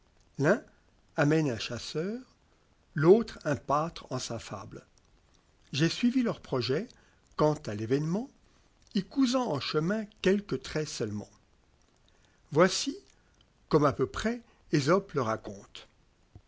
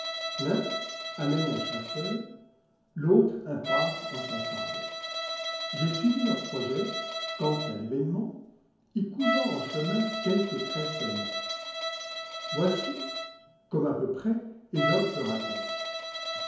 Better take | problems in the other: first | background sound (Bowed string instrument); 4 dB below the speech // room echo; dies away in 0.9 s

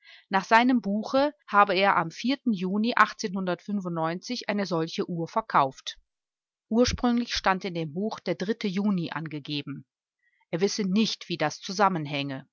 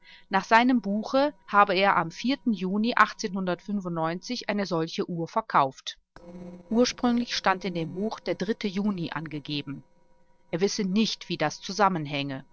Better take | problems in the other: first | noise reduction (neural separator model SepFormer DNS4)

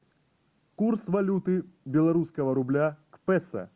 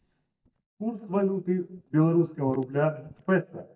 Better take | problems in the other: first | noise reduction (neural mask model DeepFilterNet 3)

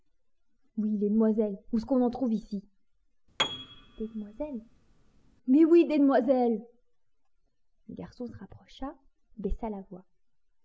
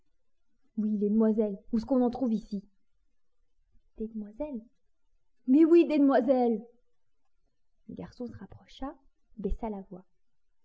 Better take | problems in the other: second | background sound (Piano); 10 dB below the speech

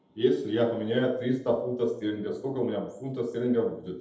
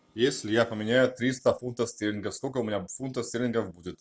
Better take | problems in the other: second | room echo; dies away in 0.7 s

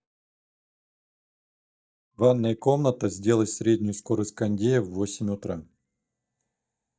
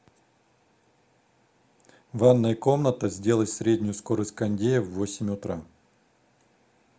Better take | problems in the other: second | noise reduction (neural mask model DeepFilterNet 3)

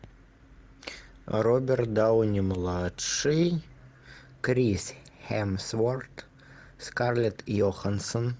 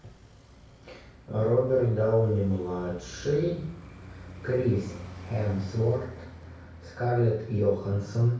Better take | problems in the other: first | background sound (Traffic noise, roadway noise); 17 dB below the speech // room echo; dies away in 0.6 s

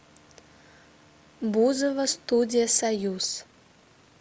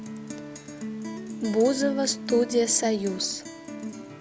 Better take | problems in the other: first | background sound (Guitar); 8 dB below the speech

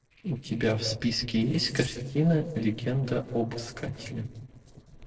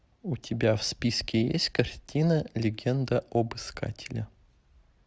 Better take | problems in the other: second | noise reduction (neural separator model SepFormer DNS4)

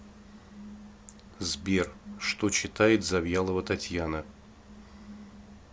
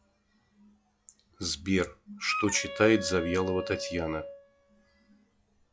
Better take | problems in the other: first | noise reduction (classical method log-MMSE)

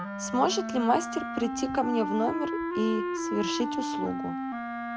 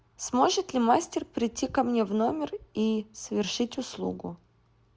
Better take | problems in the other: second | background sound (Wind instrument, woodwind instrument); 2 dB below the speech

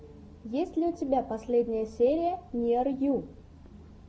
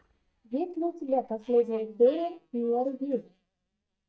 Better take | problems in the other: first | noise reduction (neural mask model DeepFilterNet 3)

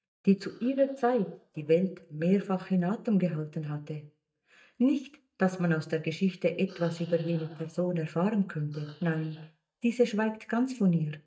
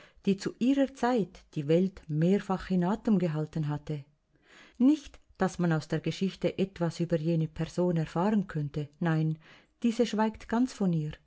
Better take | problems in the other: second | noise reduction (neural mask model DeepFilterNet 3)

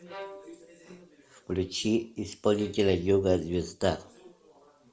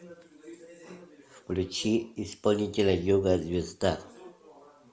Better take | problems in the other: second | noise reduction (neural separator model SepFormer DNS4)

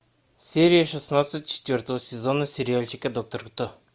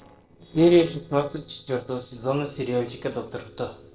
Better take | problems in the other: first | noise reduction (neural separator model SepFormer DNS4)

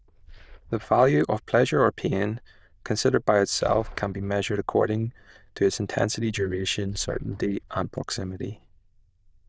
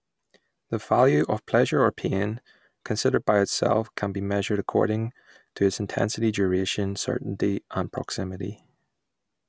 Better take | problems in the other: second | noise reduction (neural diffusion model UNIVERSE++)

